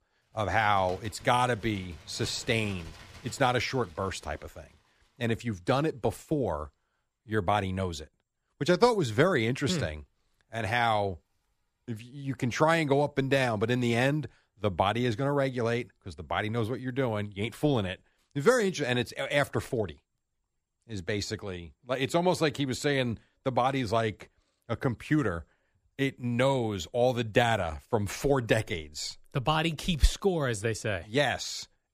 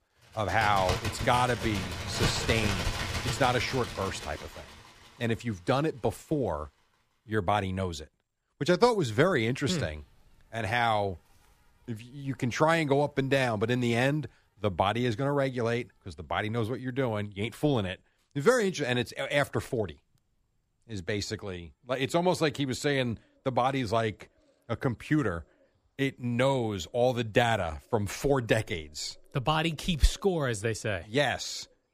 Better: first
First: animal sounds; faint; throughout; 20 dB below the speech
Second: animal sounds; loud; throughout; 5 dB below the speech

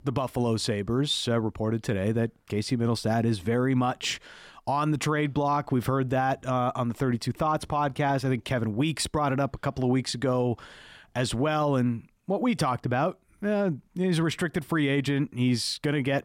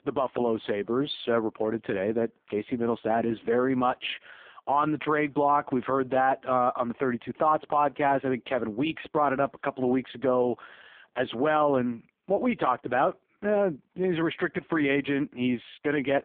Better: first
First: none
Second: phone-call audio; poor line; nothing above 3.5 kHz

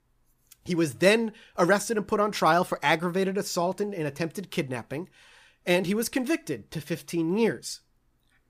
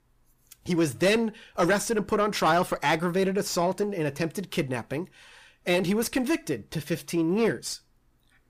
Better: first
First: none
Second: distortion; slight; 10 dB below the speech

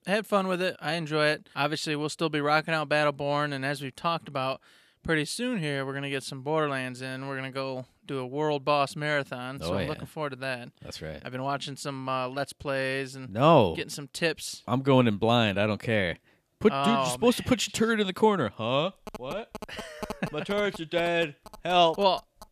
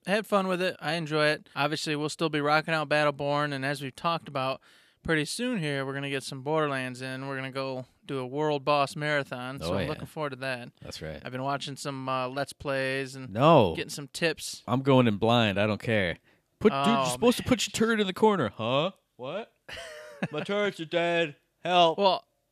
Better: second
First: phone ringing; faint; from 19 s on; peak 10 dB below the speech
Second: none

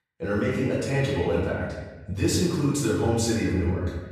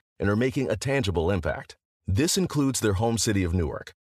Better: second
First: off-mic speech; far // room echo; noticeable; dies away in 1.1 s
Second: none

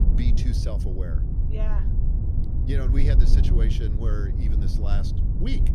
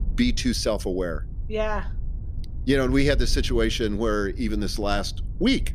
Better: second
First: low rumble; loud; throughout; 2 dB below the speech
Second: low rumble; faint; throughout; 25 dB below the speech

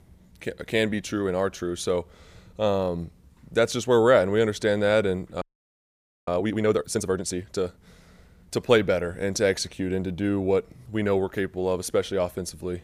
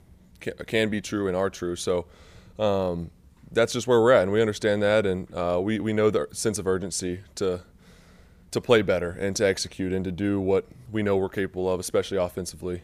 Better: second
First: audio freezing; at 5.5 s for 1 s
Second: none

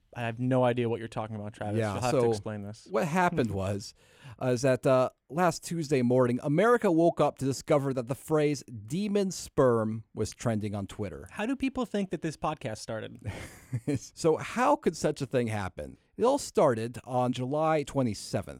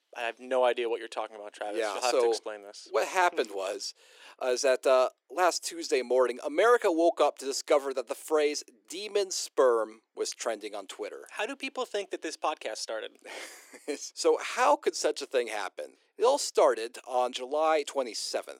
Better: first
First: none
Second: thin; very; fading below 350 Hz

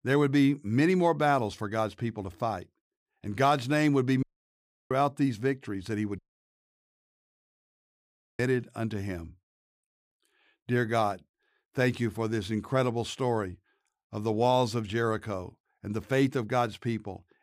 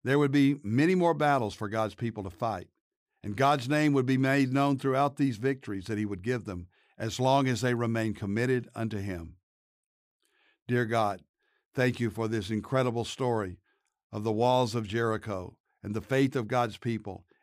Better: second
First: audio cutting out; at 4 s for 0.5 s and at 6 s for 2 s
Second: none

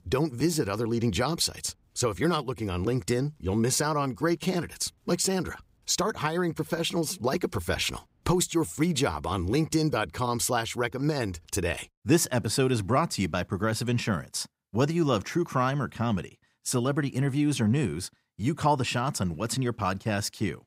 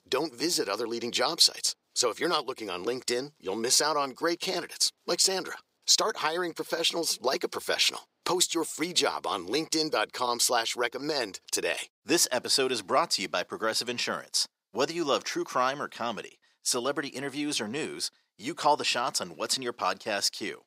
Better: first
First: none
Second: thin; somewhat; fading below 450 Hz

